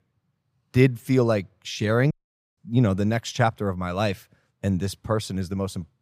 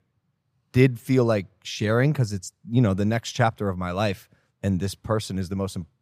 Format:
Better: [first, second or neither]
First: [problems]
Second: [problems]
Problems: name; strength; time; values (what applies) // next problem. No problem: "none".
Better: second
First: audio cutting out; at 2 s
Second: none